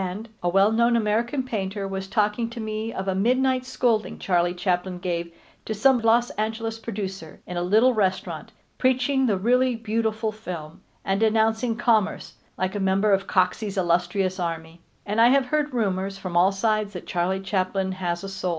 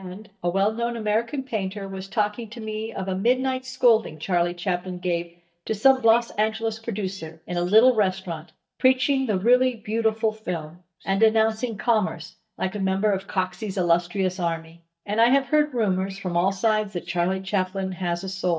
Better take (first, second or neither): first